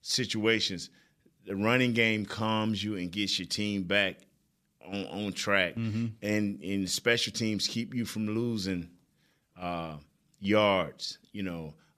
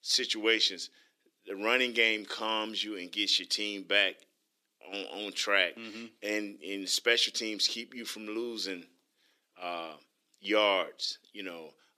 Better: first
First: none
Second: thin; somewhat; fading below 350 Hz

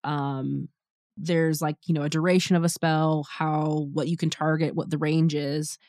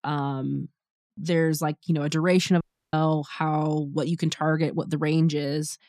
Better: first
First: none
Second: audio cutting out; at 2.5 s

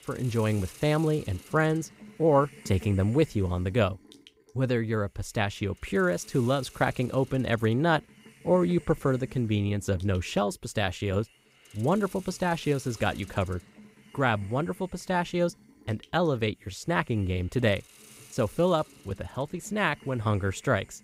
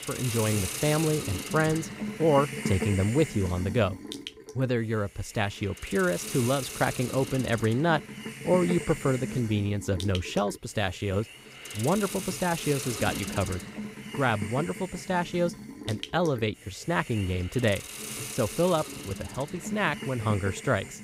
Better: first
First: hiss; faint; throughout; 20 dB below the speech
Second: hiss; loud; throughout; 8 dB below the speech

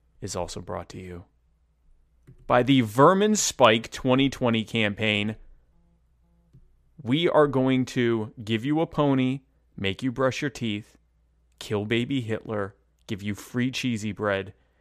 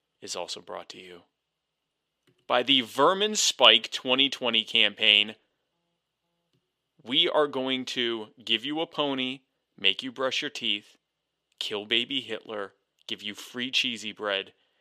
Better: first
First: none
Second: thin; very slightly; fading below 300 Hz

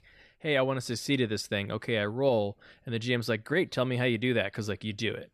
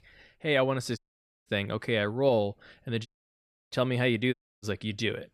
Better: first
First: none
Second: audio cutting out; at 1 s, at 3 s for 0.5 s and at 4.5 s

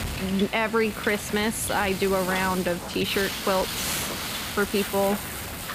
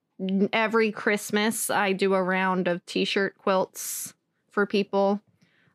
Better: second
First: wind noise on the microphone; heavy; 5 dB below the speech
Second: none

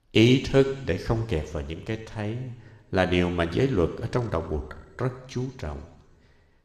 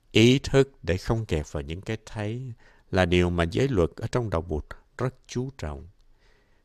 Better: second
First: room echo; slight; dies away in 1.4 s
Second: none

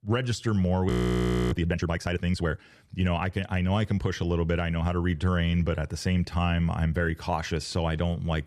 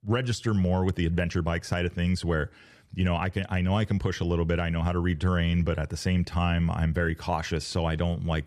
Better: second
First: audio freezing; at 1 s for 0.5 s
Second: none

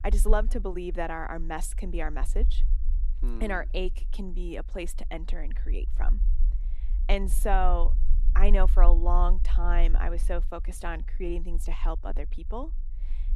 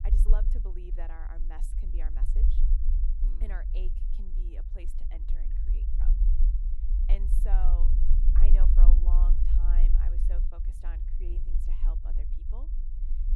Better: first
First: low rumble; faint; throughout; 20 dB below the speech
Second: low rumble; loud; throughout; 3 dB below the speech

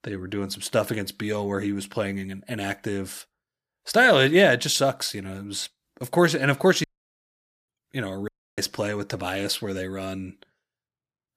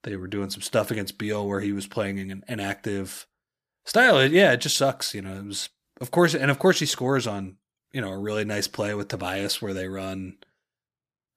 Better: second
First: audio cutting out; at 7 s for 1 s and at 8.5 s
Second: none

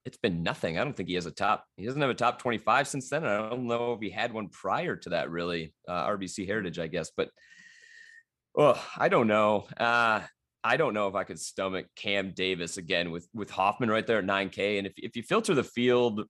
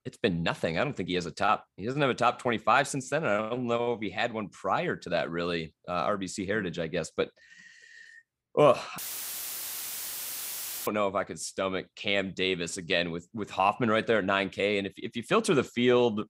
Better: first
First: none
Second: audio cutting out; filled with static; at 9 s for 2 s

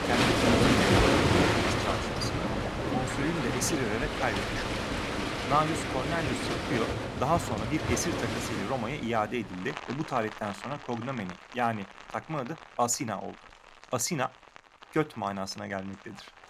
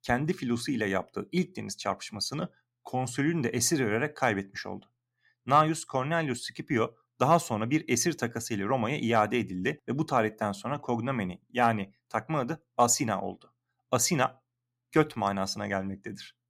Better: second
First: rain or running water; very loud; throughout; 4 dB above the speech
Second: none

